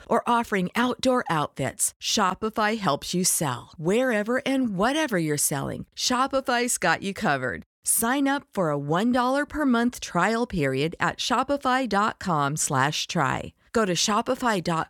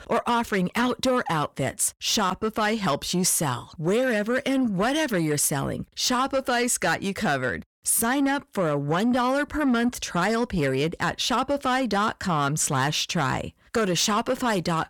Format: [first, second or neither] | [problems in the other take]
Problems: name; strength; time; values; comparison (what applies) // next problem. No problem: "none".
first | distortion; slight; 10 dB below the speech